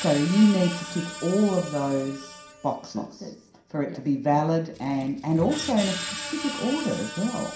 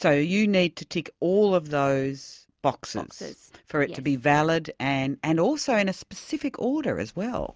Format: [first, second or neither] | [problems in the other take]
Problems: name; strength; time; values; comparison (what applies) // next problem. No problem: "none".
second | background sound (Screech); 12 dB below the speech // room echo; dies away in 0.5 s